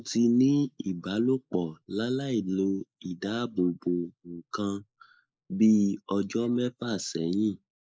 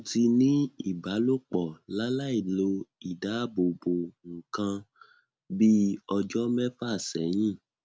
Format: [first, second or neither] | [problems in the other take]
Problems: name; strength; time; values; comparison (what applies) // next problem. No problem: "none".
second | noise reduction (neural mask model Resemble Enhance denoiser)